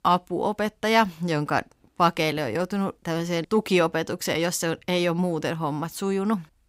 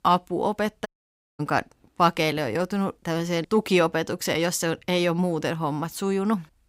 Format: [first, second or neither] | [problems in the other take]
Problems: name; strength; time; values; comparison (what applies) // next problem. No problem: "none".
first | audio cutting out; at 1 s for 0.5 s